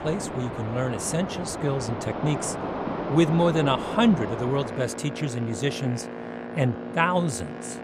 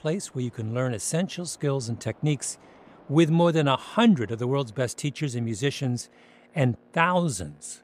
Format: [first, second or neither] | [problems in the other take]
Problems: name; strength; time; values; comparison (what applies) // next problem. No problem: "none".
second | train or aircraft noise; loud; throughout; 7 dB below the speech; faint in the second